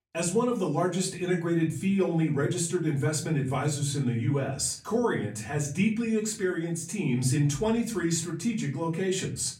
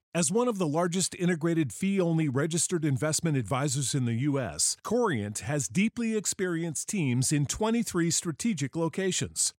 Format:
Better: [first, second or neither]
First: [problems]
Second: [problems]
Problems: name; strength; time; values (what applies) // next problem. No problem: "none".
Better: second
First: off-mic speech; far // room echo; very slight; dies away in 0.4 s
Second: none